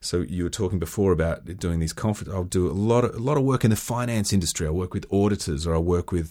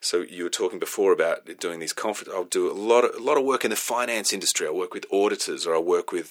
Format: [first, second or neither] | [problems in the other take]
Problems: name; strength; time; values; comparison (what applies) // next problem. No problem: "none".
first | thin; very; fading below 350 Hz